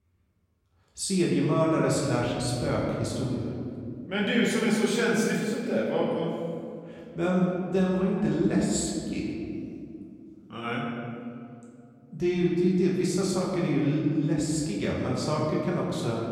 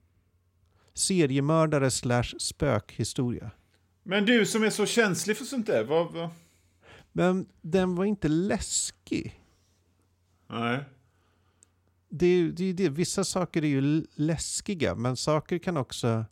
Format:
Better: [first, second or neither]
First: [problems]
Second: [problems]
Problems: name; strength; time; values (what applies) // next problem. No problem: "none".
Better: second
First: room echo; noticeable; dies away in 2.3 s // off-mic speech; far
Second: none